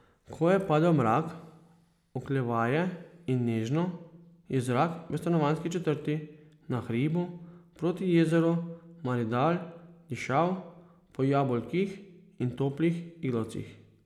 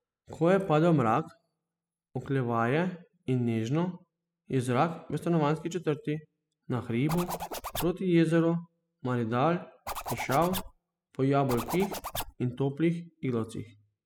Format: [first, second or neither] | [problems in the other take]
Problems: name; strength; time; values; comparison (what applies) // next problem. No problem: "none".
first | noise reduction (classical method spectral subtraction)